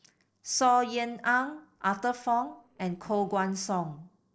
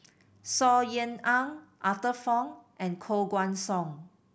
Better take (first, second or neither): second